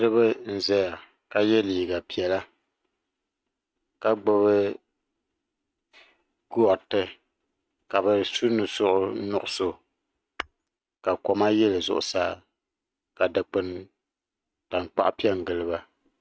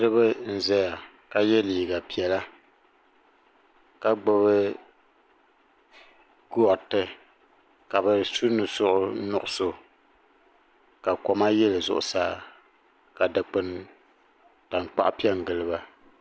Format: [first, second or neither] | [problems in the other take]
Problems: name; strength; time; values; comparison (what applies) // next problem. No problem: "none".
second | noise reduction (neural mask model RNNoise)